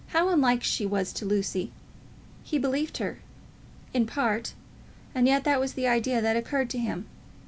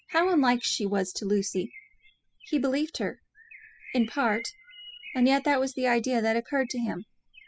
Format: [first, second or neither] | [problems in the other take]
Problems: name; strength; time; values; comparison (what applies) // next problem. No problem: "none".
first | noise reduction (classical method spectral subtraction)